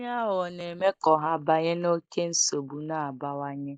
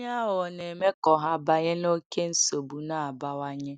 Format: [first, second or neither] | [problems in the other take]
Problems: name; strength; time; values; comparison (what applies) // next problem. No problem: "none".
second | noise reduction (neural mask model Resemble Enhance denoiser)